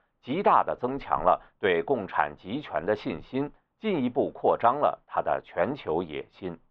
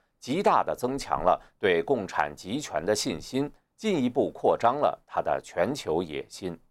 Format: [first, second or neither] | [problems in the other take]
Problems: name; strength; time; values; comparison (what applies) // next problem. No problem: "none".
second | muffled; very; fading above 3.5 kHz